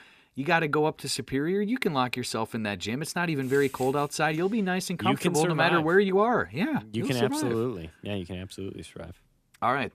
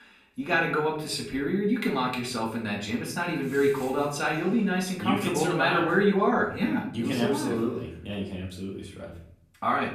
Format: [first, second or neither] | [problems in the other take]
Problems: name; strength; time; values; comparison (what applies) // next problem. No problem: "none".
first | off-mic speech; far // room echo; slight; dies away in 0.5 s